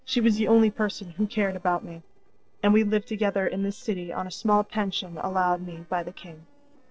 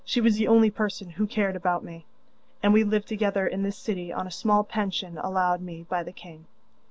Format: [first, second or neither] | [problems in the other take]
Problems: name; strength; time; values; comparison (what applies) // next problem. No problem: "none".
second | noise reduction (neural separator model SepFormer DNS4)